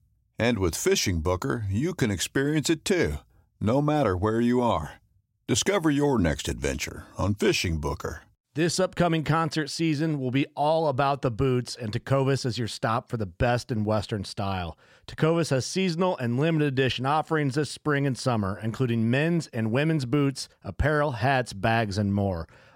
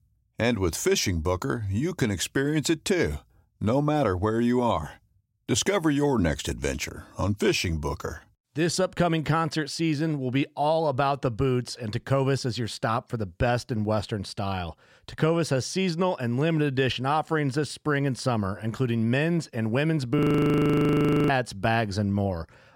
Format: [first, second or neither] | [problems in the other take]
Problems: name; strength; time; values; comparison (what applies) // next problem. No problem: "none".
first | audio freezing; at 20 s for 1 s